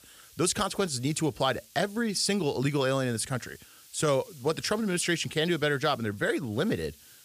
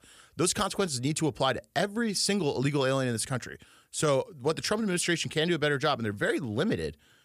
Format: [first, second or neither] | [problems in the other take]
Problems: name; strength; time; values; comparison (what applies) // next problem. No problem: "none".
second | hiss; faint; throughout; 25 dB below the speech